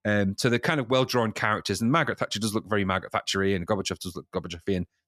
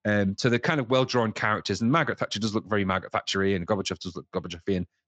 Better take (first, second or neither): first